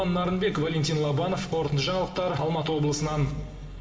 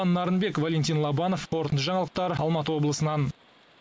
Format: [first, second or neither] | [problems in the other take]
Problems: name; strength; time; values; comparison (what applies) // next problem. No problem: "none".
second | background sound (Engine); 15 dB below the speech // room echo; dies away in 2.5 s